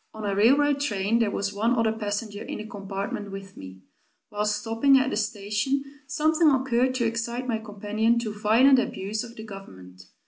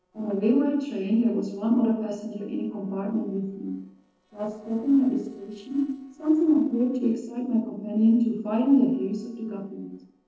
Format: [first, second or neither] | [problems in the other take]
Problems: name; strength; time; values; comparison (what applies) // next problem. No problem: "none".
first | noise reduction (neural separator model SepFormer DNS4)